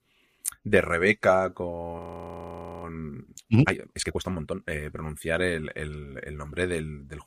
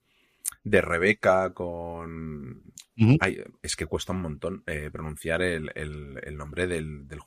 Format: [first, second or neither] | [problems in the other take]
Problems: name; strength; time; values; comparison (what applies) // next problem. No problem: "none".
second | audio freezing; at 2 s for 1 s